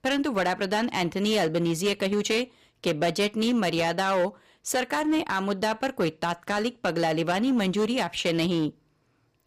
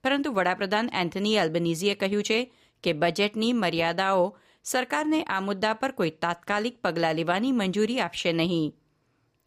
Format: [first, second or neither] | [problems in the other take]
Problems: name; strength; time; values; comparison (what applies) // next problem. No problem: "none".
second | distortion; slight; 10% of the sound clipped